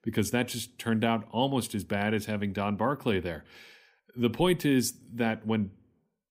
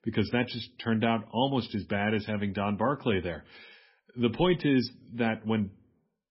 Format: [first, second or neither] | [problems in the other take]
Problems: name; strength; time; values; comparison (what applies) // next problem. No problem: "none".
first | garbled, watery; badly; nothing above 5.5 kHz